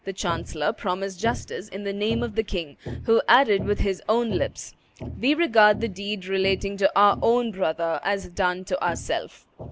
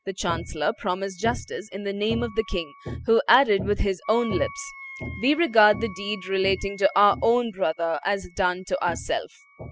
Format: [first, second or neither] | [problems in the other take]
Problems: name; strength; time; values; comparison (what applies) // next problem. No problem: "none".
first | noise reduction (classical method spectral subtraction)